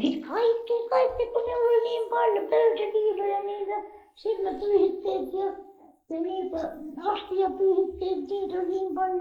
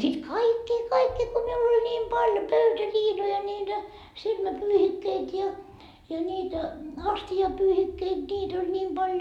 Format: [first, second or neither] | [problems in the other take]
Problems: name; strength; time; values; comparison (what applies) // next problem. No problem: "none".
second | noise reduction (neural mask model Resemble Enhance denoiser)